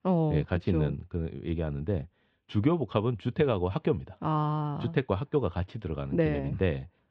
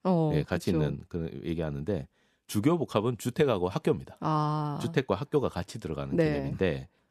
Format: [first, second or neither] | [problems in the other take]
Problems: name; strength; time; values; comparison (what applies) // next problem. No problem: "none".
second | muffled; slightly; fading above 3 kHz